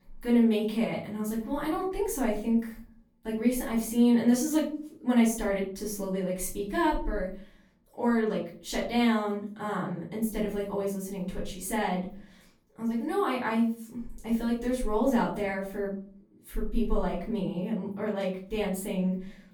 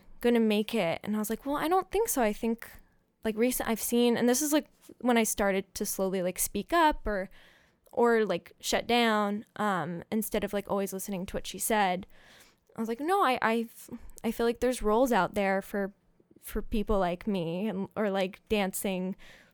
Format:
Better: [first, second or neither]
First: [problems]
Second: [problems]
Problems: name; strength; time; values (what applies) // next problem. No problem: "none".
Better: second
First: off-mic speech; far // room echo; noticeable; dies away in 0.5 s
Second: none